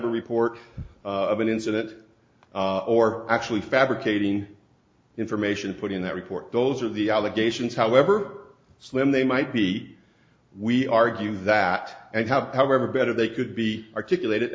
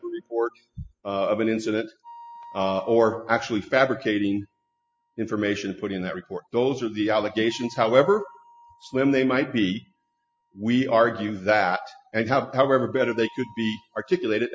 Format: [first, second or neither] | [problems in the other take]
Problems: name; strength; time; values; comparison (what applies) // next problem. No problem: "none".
first | noise reduction (classical method spectral subtraction)